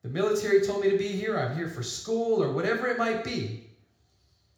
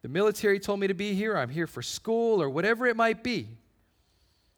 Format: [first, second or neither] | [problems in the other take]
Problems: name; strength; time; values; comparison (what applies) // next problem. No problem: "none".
second | room echo; noticeable; dies away in 0.6 s // off-mic speech; somewhat distant